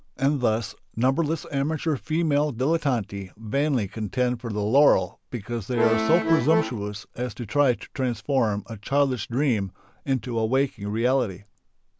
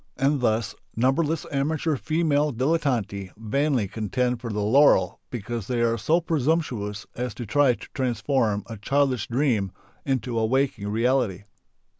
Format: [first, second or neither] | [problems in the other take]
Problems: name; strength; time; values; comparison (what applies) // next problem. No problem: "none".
second | background sound (Accordion); 1 dB below the speech